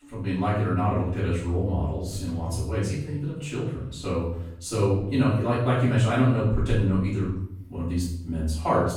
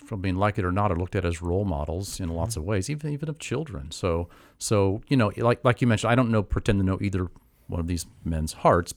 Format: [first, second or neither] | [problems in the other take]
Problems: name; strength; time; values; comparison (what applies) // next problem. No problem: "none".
second | room echo; noticeable; dies away in 0.7 s // off-mic speech; far